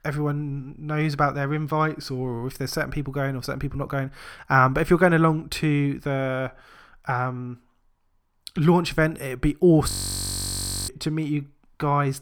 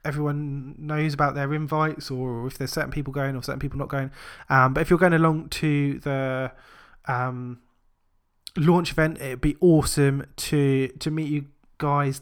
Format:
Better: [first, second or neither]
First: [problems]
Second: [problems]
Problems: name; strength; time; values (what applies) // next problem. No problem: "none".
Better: second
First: audio freezing; at 10 s for 1 s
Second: none